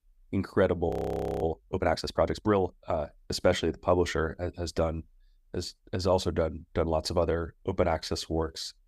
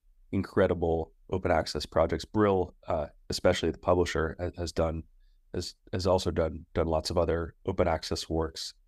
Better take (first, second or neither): second